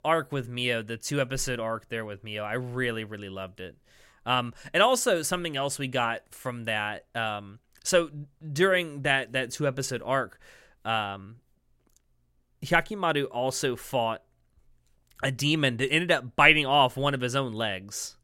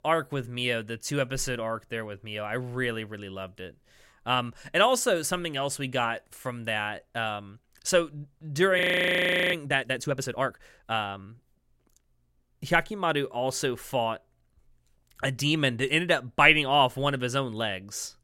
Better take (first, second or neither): first